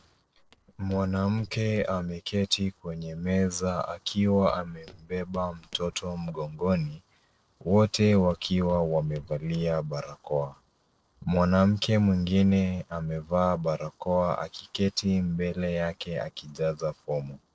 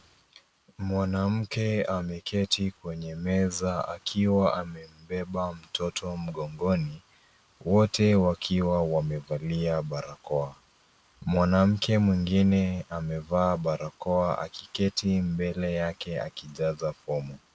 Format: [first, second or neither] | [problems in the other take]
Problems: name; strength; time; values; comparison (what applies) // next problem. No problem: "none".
second | noise reduction (neural separator model SepFormer DNS4)